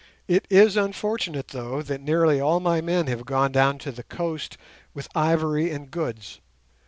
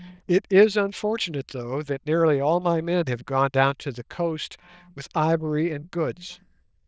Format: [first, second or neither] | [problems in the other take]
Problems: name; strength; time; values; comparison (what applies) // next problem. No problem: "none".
first | noise reduction (neural diffusion model UNIVERSE++)